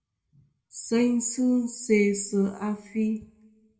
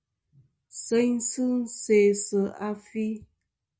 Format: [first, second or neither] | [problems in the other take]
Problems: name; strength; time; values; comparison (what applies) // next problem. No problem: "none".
second | room echo; dies away in 0.7 s